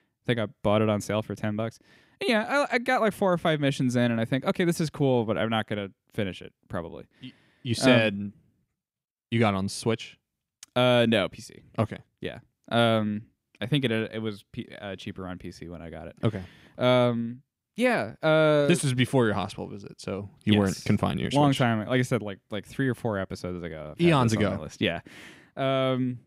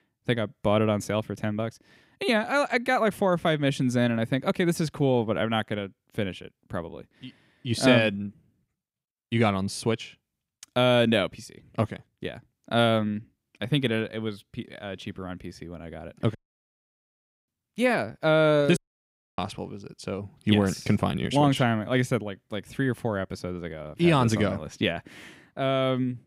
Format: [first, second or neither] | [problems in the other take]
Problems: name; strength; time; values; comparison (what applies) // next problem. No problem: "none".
first | audio cutting out; at 16 s for 1 s and at 19 s for 0.5 s